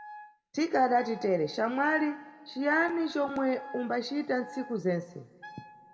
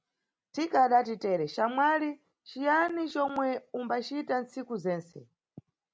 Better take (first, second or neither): second